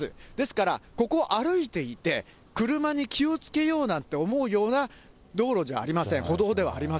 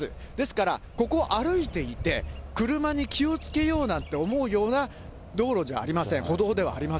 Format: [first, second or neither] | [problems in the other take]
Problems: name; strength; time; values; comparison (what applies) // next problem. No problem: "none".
first | background sound (Bird vocalization, bird call, bird song + Alarm / Truck); 12 dB below the speech